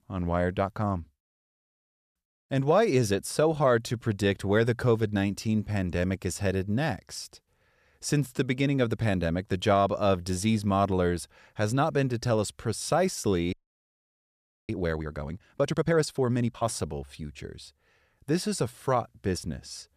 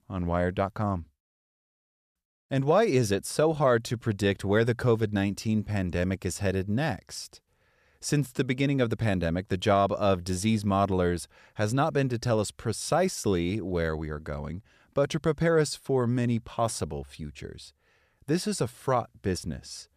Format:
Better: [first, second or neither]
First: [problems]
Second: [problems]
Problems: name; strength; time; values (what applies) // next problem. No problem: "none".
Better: second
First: audio freezing; at 14 s for 1 s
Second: none